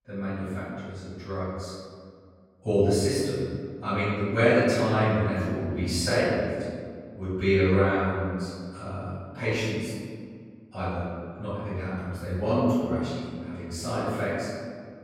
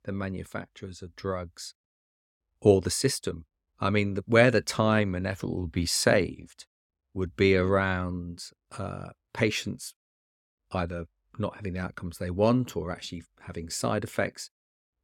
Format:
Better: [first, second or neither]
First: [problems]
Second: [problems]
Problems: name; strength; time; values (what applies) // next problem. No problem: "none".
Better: second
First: room echo; strong; dies away in 1.9 s // off-mic speech; far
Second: none